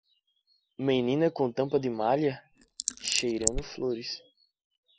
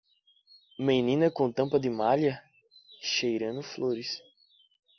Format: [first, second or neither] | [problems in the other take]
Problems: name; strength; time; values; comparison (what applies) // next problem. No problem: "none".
second | noise reduction (neural mask model Resemble Enhance denoiser)